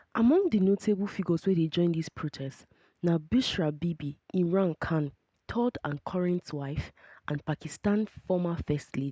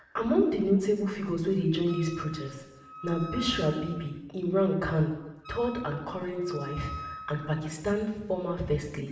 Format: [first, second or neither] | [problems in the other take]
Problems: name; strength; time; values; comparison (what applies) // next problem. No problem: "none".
first | background sound (Wind instrument, woodwind instrument); 16 dB below the speech // room echo; dies away in 0.9 s